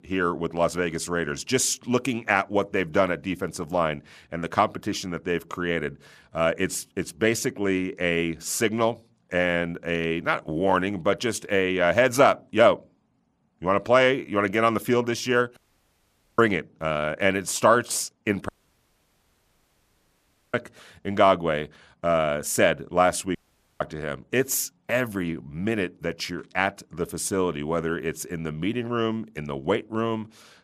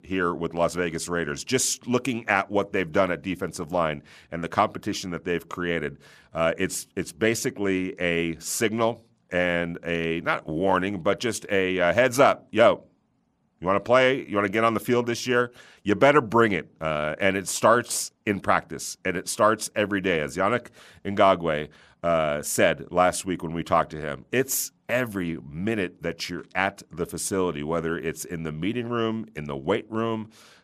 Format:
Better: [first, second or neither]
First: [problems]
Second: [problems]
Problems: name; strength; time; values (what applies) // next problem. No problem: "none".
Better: second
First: audio cutting out; at 16 s for 1 s, at 18 s for 2 s and at 23 s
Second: none